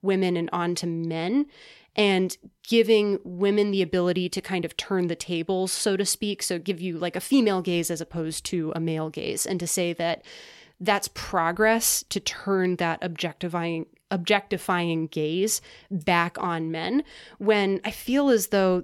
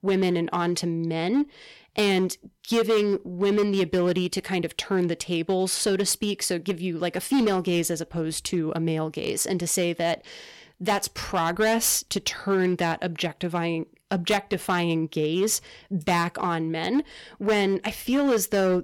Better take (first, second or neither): first